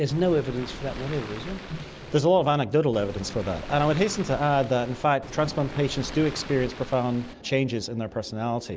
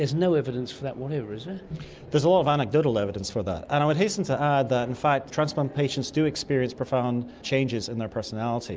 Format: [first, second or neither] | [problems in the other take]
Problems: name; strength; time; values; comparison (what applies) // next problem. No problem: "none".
second | background sound (Waves, surf); 13 dB below the speech